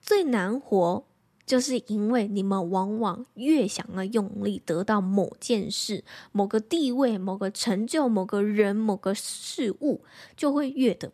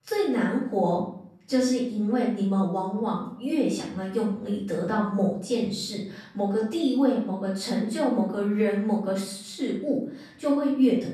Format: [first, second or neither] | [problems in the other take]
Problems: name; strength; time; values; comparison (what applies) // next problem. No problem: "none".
first | room echo; noticeable; dies away in 0.6 s // off-mic speech; far